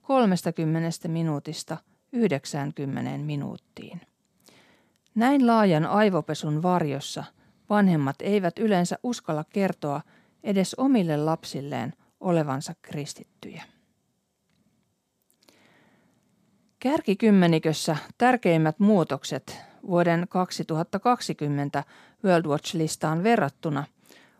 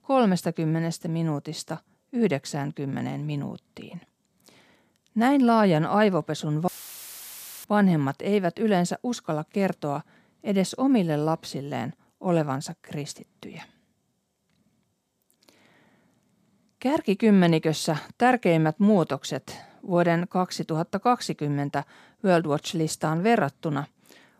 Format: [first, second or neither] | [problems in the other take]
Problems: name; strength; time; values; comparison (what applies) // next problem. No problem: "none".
first | audio cutting out; filled with static; at 6.5 s for 1 s